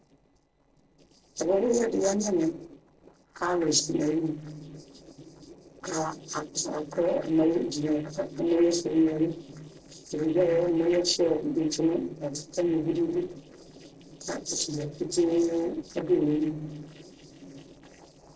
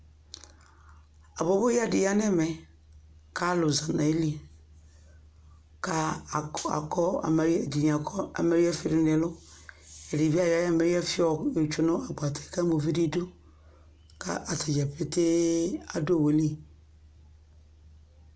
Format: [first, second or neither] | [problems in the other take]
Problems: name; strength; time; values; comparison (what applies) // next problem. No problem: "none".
second | noise reduction (neural separator model SepFormer DNS4)